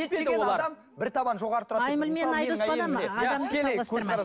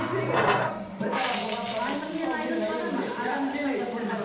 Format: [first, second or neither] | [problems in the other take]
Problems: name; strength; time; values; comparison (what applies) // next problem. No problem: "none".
first | background sound (Water tap, faucet); 4 dB below the speech // room echo; dies away in 0.8 s